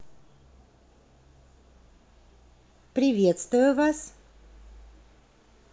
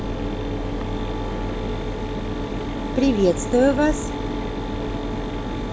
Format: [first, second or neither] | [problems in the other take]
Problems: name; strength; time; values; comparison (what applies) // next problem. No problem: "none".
first | background sound (Mechanisms); as loud as the speech